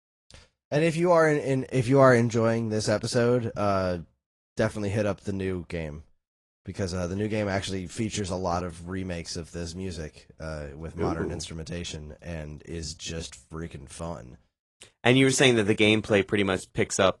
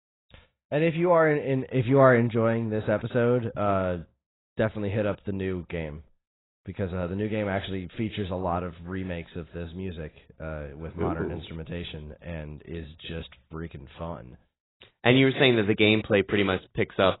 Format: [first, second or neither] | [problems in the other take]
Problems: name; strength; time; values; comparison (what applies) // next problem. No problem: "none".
first | garbled, watery; badly; nothing above 4 kHz; slightly in the first